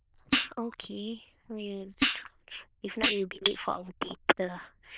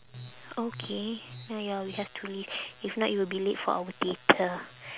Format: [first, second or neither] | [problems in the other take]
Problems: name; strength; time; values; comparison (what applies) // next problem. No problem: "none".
second | noise reduction (neural diffusion model UNIVERSE++)